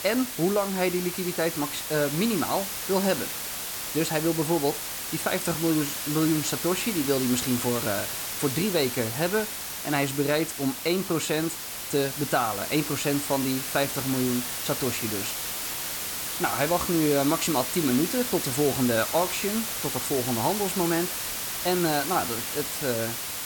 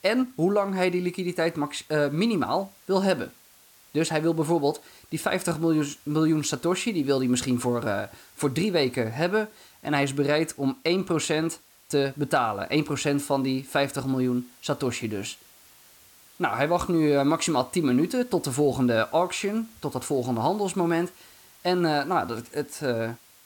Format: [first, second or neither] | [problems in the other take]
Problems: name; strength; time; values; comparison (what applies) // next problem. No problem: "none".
second | hiss; loud; throughout; 3 dB below the speech; faint in the second